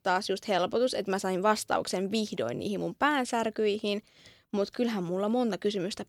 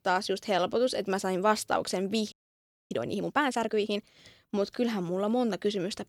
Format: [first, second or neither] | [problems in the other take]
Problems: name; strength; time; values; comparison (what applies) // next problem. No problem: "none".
first | audio freezing; at 2.5 s for 0.5 s